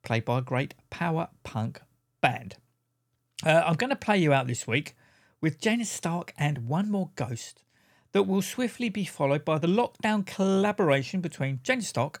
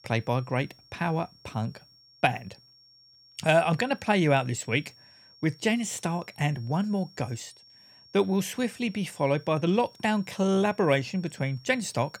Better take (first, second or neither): first